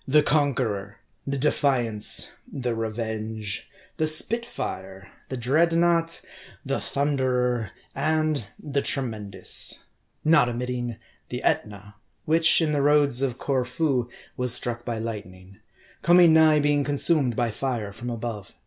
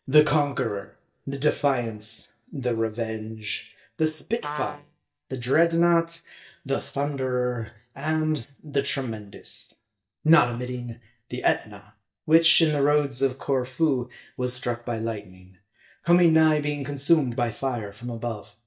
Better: first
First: none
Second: noise reduction (neural mask model DeepFilterNet 3)

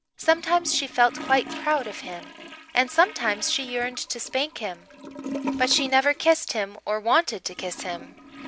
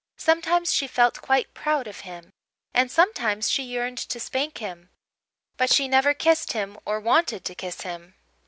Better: second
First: background sound (Toilet flush / Gurgling); 12 dB below the speech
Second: none

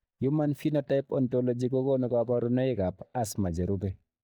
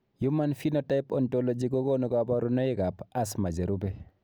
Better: second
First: noise reduction (neural mask model DeepFilterNet 3)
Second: none

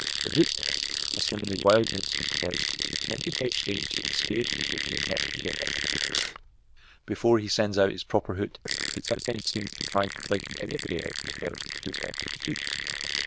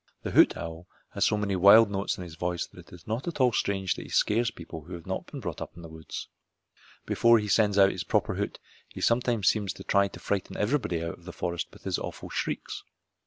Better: second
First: noise reduction (neural diffusion model UNIVERSE++)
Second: none

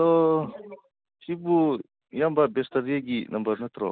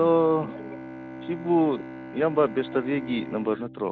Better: first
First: none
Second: background sound (Bowed string instrument); 13 dB below the speech

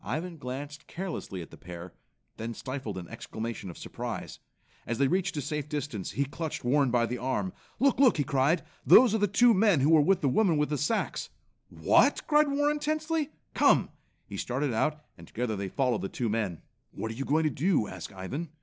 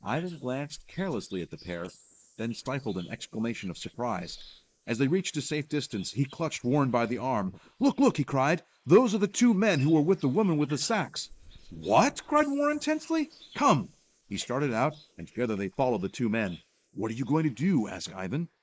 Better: first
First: none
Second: noise reduction (neural mask model Resemble Enhance denoiser)

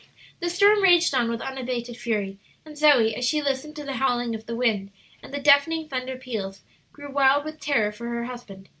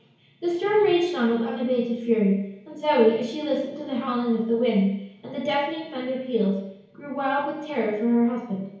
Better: first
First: none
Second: room echo; dies away in 1 s

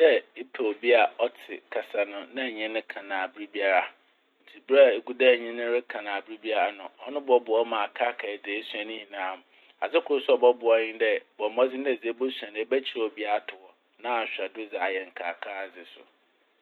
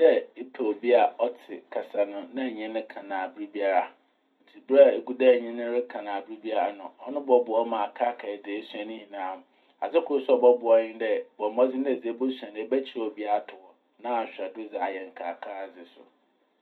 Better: first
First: none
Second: room echo; dies away in 0.2 s

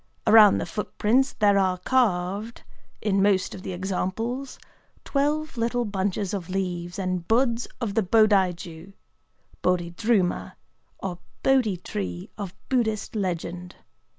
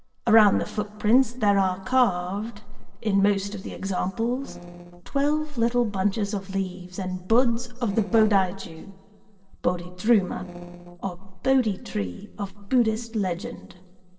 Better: first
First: none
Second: noise reduction (neural separator model SepFormer DNS4)

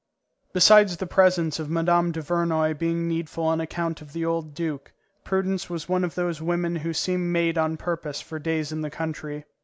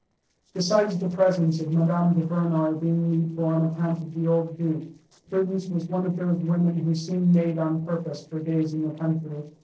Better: first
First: none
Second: noise reduction (neural separator model SepFormer DNS4)

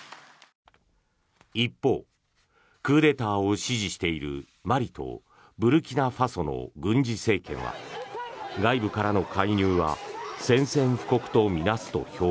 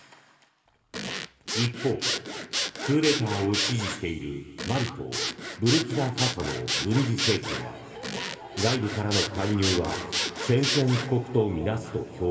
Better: first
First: none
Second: background sound (Zipper (clothing) / Sawing); 3 dB below the speech // room echo; dies away in 2 s

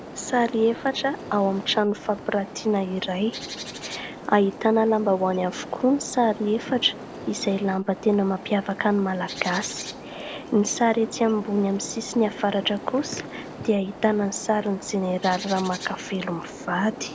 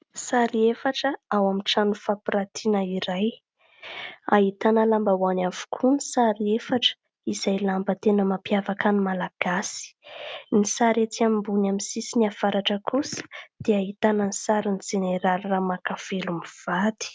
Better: second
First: background sound (Bird); 13 dB below the speech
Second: none

